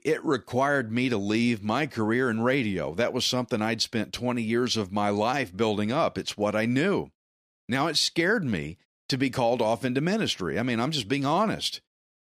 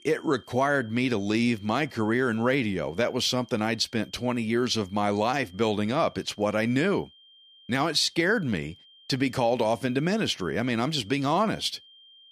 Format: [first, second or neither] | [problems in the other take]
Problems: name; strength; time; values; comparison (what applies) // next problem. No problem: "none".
first | high-pitched whine; faint; throughout; 3 kHz, 25 dB below the speech